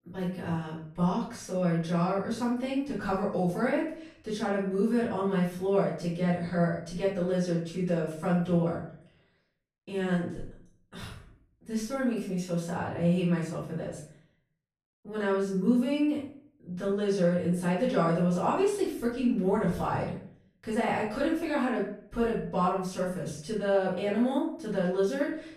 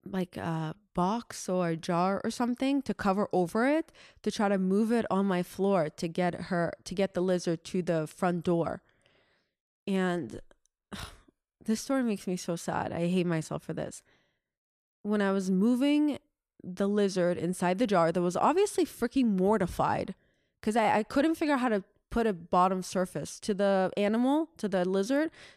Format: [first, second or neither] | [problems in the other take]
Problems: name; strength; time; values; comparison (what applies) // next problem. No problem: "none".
second | off-mic speech; far // room echo; noticeable; dies away in 0.5 s